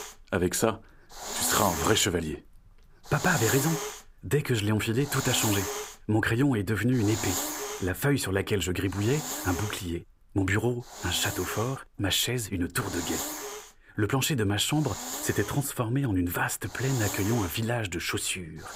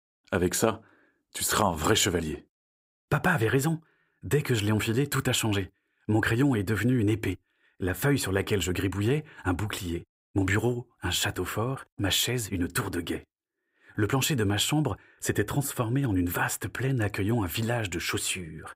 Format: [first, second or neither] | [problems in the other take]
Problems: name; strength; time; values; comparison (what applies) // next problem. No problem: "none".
second | hiss; loud; throughout; 5 dB below the speech